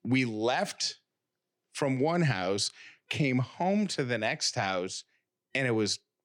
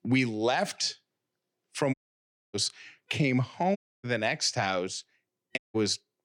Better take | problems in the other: first | audio cutting out; at 2 s for 0.5 s, at 4 s and at 5.5 s

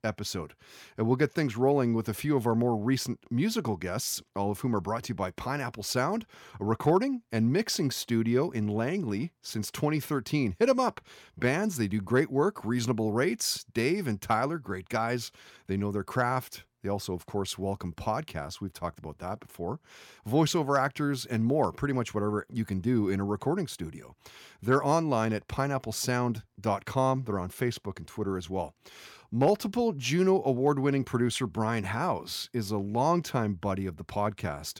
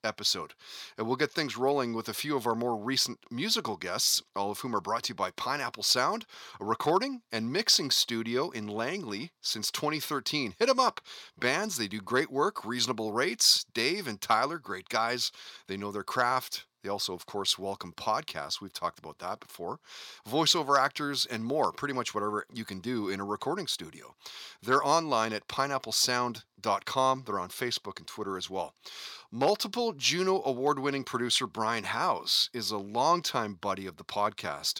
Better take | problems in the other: first | thin; somewhat; fading below 600 Hz

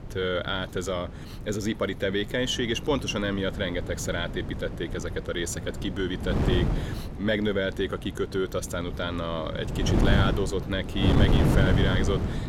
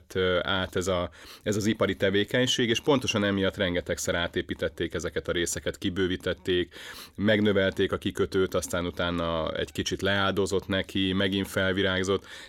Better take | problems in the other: second | wind noise on the microphone; heavy; 5 dB below the speech

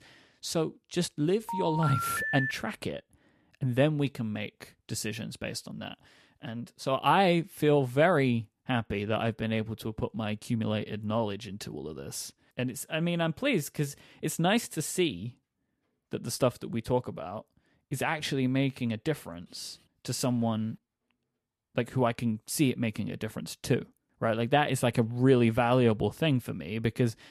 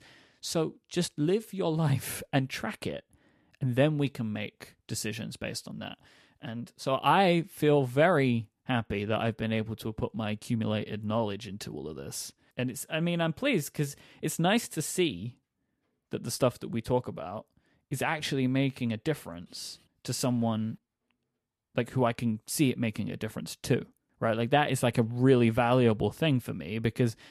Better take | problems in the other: second | phone ringing; noticeable; from 1.5 to 2.5 s; peak 1 dB below the speech

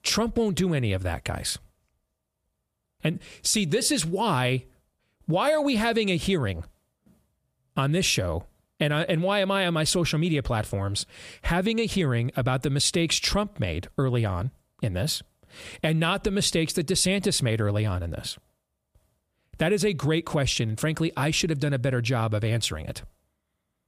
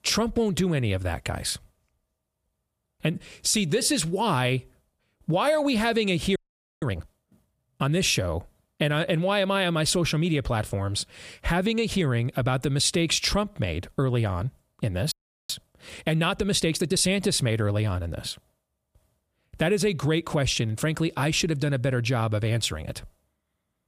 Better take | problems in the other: first | audio freezing; at 6.5 s and at 15 s

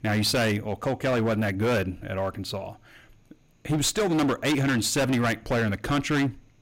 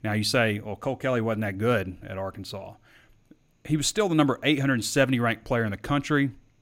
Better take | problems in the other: second | distortion; heavy; 17% of the sound clipped

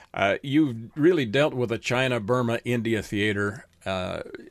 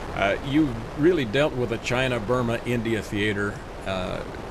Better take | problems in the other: first | wind noise on the microphone; occasional gusts; 10 dB below the speech

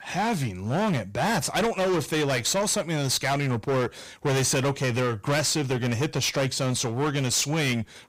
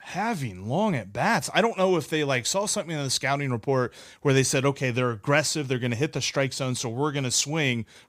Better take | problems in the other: second | distortion; heavy; 22% of the sound clipped

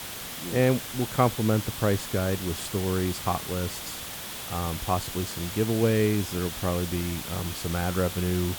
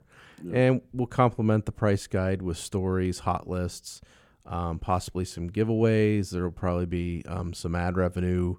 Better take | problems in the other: second | hiss; loud; throughout; 7 dB below the speech

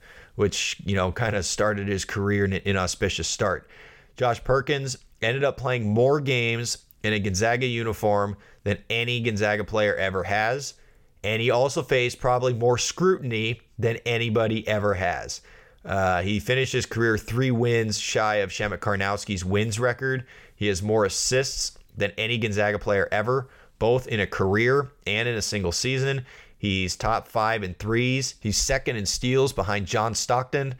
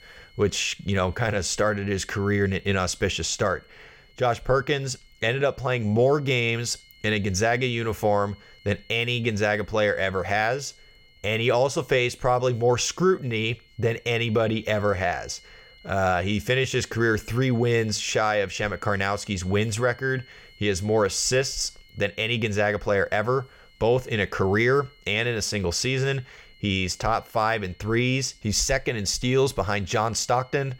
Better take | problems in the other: first | high-pitched whine; faint; throughout; 2 kHz, 30 dB below the speech

